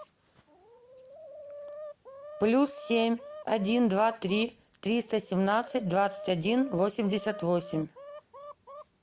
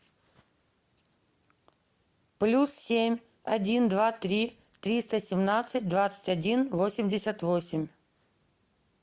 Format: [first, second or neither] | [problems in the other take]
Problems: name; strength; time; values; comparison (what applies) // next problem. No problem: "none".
second | background sound (Chicken, rooster); 16 dB below the speech